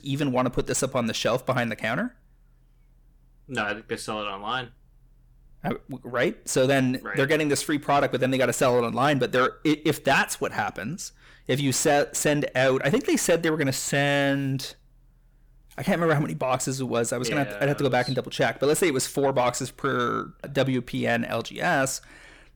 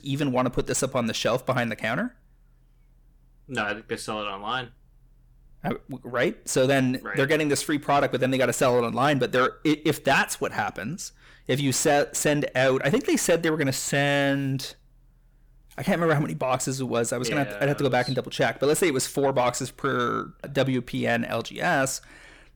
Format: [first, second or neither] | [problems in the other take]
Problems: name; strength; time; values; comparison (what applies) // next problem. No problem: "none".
neither | distortion; slight; 10 dB below the speech; the same in both